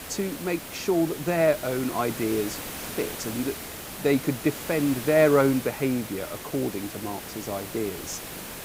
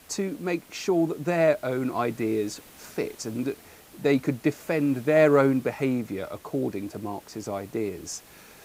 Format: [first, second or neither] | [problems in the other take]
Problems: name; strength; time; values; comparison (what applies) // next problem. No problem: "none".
second | hiss; loud; throughout; 9 dB below the speech; faint in the second